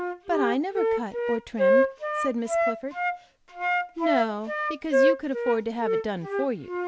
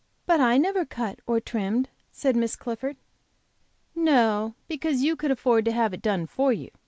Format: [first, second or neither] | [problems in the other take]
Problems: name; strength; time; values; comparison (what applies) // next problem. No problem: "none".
second | background sound (Wind instrument, woodwind instrument); 4 dB above the speech